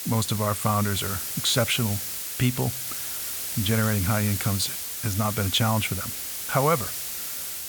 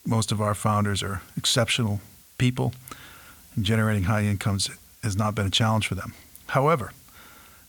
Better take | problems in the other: second | hiss; loud; throughout; 3 dB below the speech; faint in the second

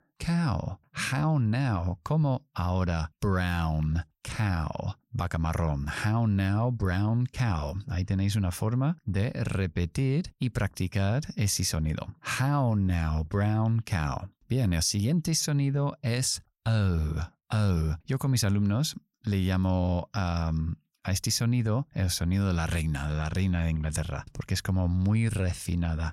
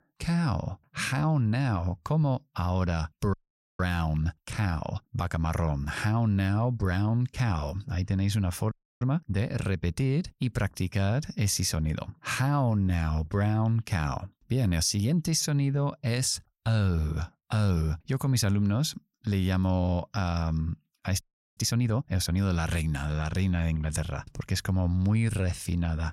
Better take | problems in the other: first | audio freezing; at 3.5 s, at 8.5 s and at 21 s

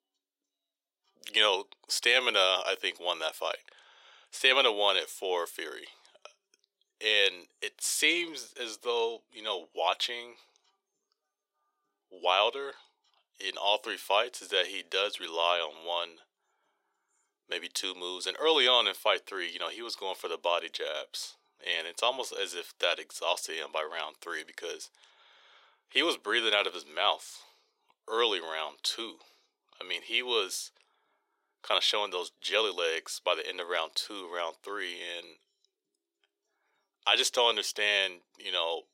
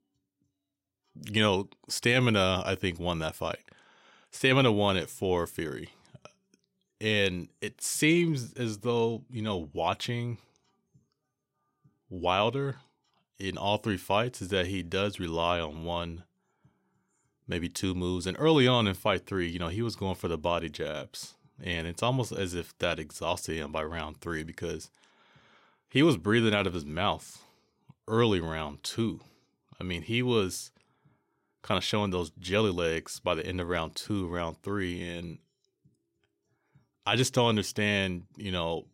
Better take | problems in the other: second | thin; very; fading below 450 Hz

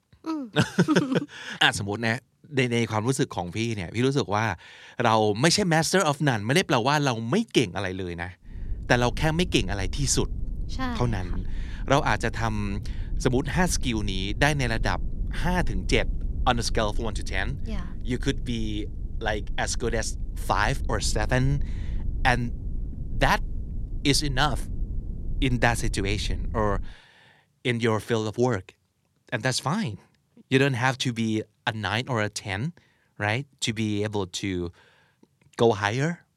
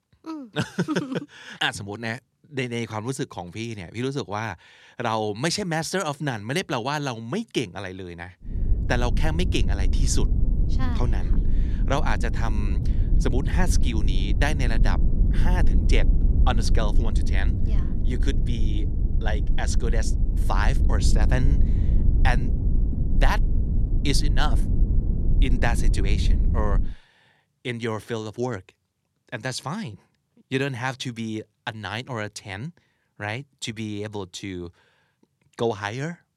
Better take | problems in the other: first | low rumble; loud; from 8.5 to 27 s; 10 dB below the speech; faint in the first

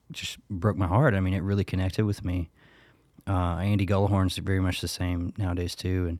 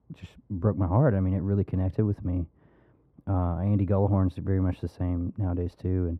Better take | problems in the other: first | muffled; very; fading above 2 kHz

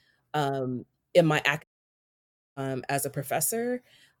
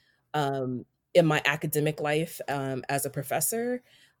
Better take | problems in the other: second | audio cutting out; at 1.5 s for 1 s

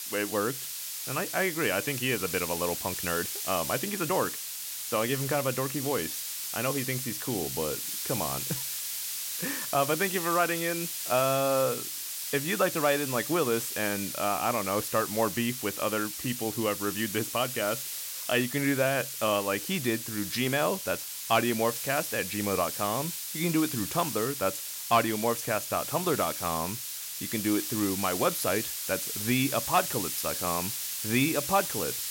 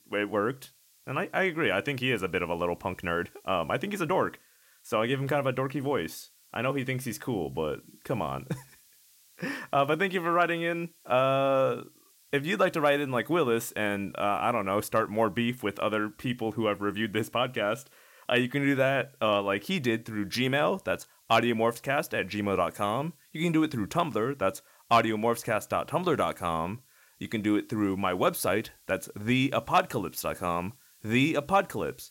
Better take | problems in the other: second | hiss; loud; throughout; 3 dB below the speech; faint in the second

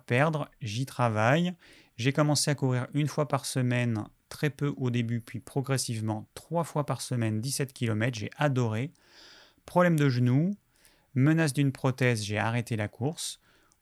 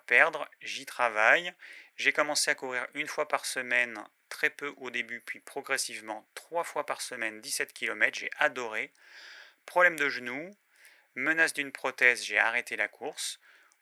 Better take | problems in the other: first | thin; very; fading below 450 Hz

